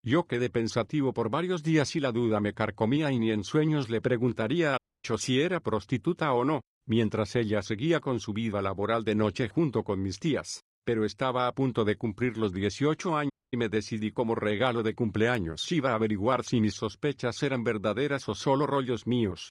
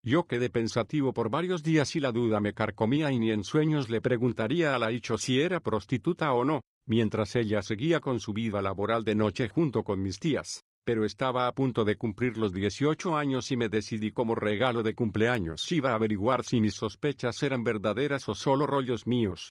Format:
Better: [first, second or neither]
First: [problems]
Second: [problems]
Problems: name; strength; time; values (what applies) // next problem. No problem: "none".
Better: second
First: audio cutting out; at 5 s and at 13 s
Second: none